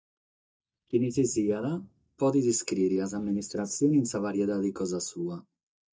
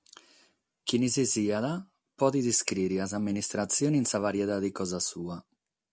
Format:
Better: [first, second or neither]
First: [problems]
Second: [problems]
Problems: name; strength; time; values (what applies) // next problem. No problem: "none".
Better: second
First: noise reduction (neural mask model DeepFilterNet 3)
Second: none